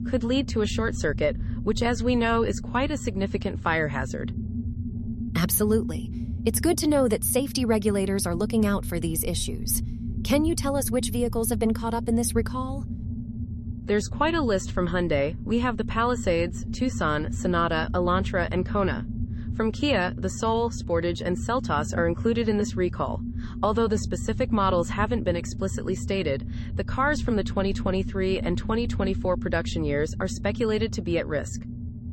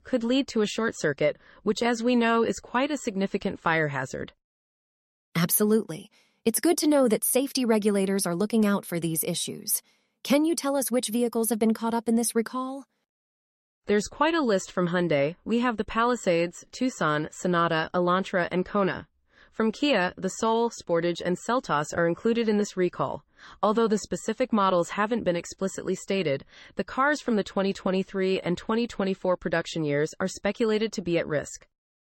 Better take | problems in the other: second | low rumble; noticeable; throughout; 15 dB below the speech

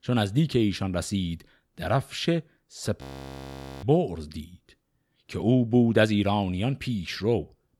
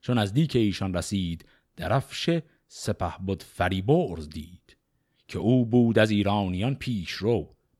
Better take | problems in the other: second | audio freezing; at 3 s for 1 s

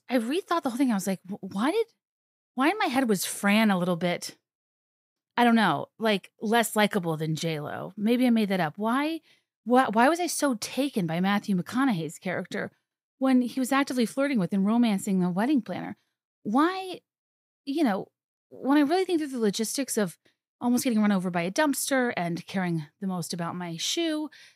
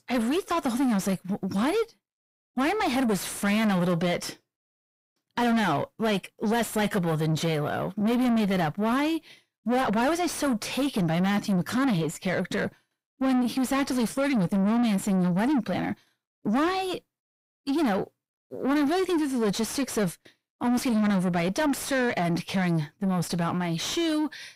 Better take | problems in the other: first | distortion; heavy; 7 dB below the speech

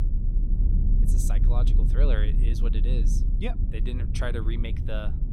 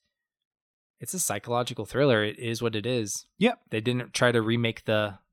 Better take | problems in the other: second | low rumble; loud; throughout; 6 dB below the speech

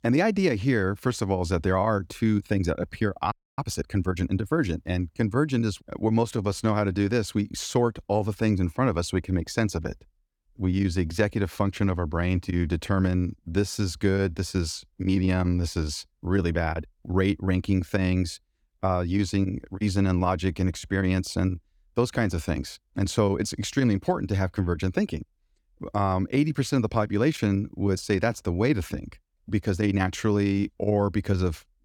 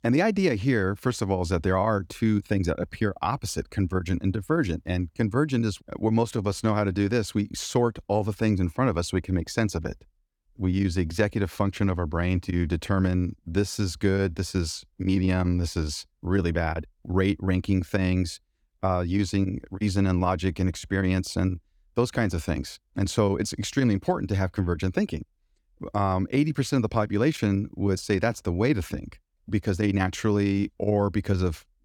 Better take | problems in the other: second | audio freezing; at 3.5 s

